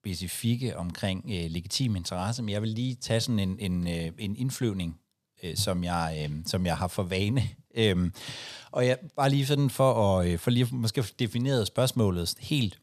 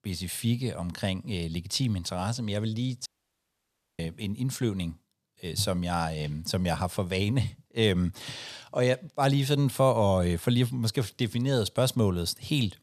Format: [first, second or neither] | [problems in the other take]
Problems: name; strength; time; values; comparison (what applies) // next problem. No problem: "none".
first | audio cutting out; at 3 s for 1 s